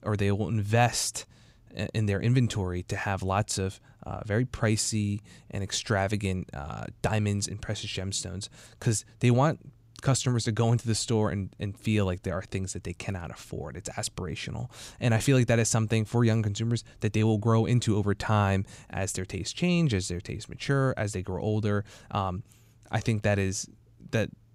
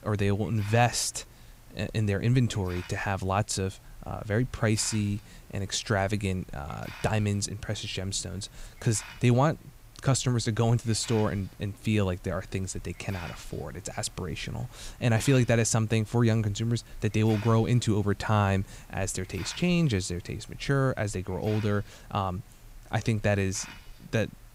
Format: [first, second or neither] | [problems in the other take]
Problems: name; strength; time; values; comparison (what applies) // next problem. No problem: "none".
first | hiss; faint; throughout; 20 dB below the speech